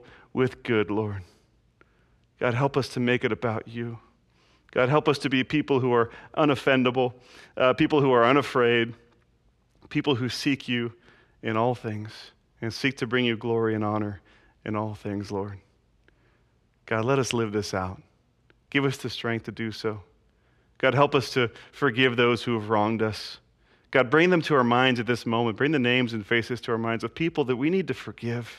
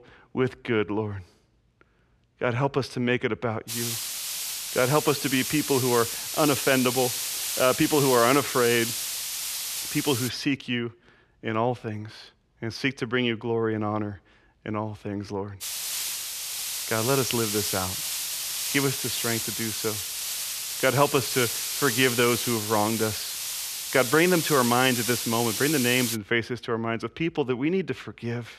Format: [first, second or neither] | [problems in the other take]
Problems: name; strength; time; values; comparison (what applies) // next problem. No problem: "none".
first | hiss; loud; from 3.5 to 10 s and from 16 to 26 s; 2 dB below the speech